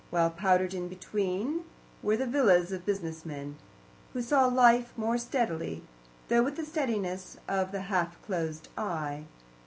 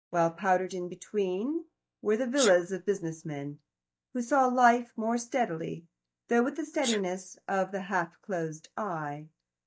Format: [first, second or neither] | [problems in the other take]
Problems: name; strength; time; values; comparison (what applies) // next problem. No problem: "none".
first | noise reduction (neural mask model DeepFilterNet 3)